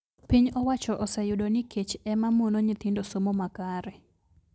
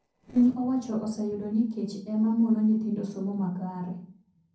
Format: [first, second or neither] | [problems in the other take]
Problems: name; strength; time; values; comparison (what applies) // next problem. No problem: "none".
first | noise reduction (neural separator model SepFormer DNS4)